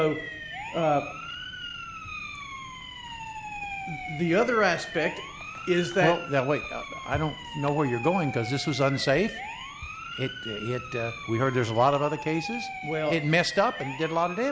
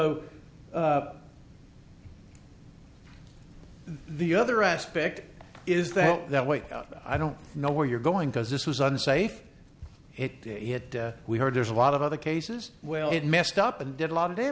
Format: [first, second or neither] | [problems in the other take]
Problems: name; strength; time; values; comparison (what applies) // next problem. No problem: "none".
second | background sound (Siren); 10 dB below the speech